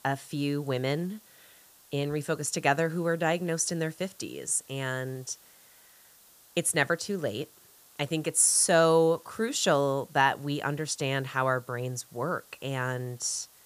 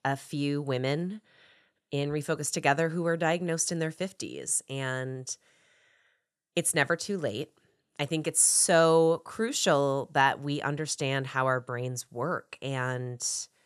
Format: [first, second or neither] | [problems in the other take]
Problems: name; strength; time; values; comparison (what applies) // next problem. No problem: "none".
second | hiss; faint; throughout; 25 dB below the speech